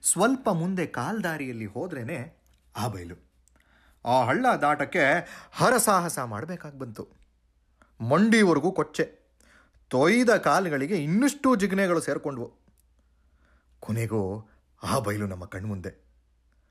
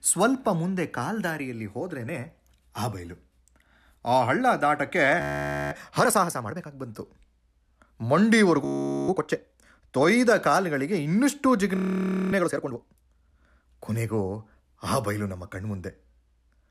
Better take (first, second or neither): first